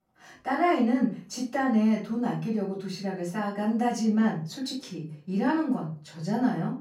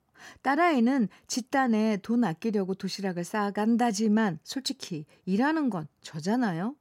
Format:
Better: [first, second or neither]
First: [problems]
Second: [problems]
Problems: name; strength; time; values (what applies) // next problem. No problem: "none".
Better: second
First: off-mic speech; far // room echo; slight; dies away in 0.4 s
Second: none